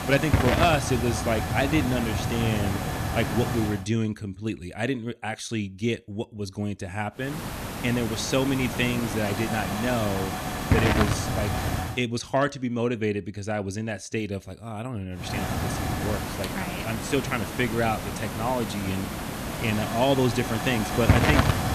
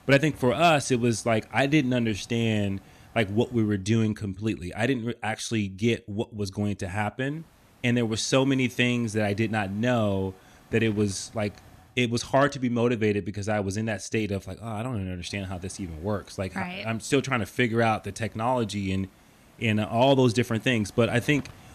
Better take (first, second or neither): second